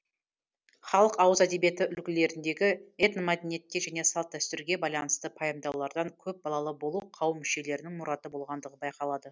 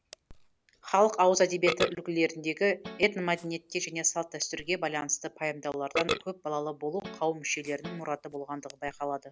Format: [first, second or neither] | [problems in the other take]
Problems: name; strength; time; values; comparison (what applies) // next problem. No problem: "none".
first | background sound (Guitar + Burping, eructation); 11 dB below the speech